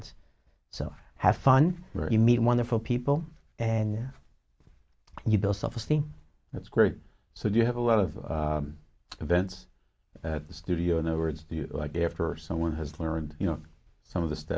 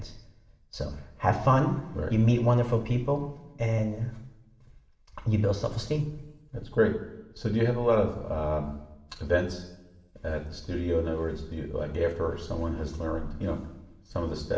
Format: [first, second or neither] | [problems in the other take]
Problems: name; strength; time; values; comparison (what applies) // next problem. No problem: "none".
first | room echo; dies away in 0.9 s